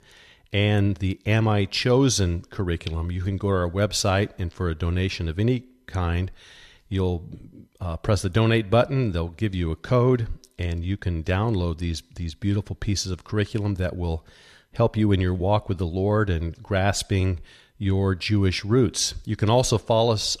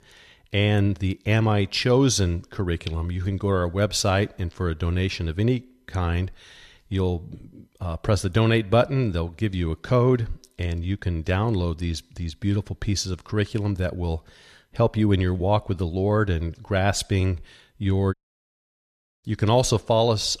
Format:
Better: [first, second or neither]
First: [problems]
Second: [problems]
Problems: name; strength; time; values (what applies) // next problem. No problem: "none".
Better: first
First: none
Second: audio cutting out; at 18 s for 1 s